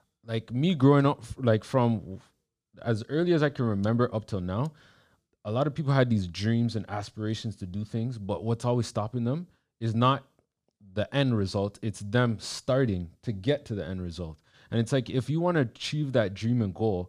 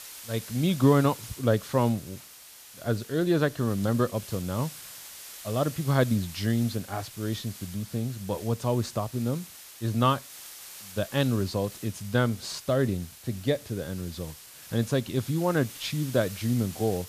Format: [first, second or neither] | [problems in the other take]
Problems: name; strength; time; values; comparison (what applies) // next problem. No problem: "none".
first | hiss; noticeable; throughout; 15 dB below the speech